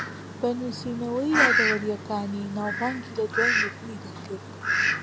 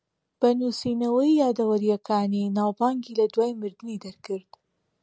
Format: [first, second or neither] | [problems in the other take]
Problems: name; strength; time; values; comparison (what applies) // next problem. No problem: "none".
second | background sound (Fowl); 2 dB above the speech